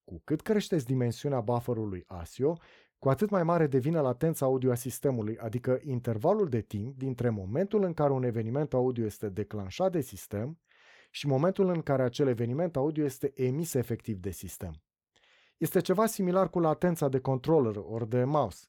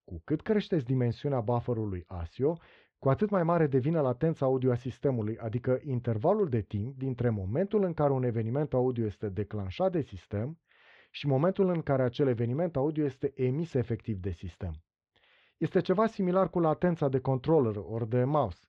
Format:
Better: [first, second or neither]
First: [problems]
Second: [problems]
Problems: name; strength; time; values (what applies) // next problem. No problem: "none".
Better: first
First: none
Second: muffled; slightly; fading above 4 kHz